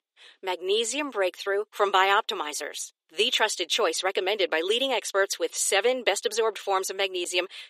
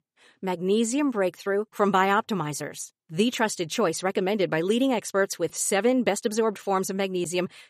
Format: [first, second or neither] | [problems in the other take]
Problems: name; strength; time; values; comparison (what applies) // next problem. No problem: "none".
second | thin; very; fading below 350 Hz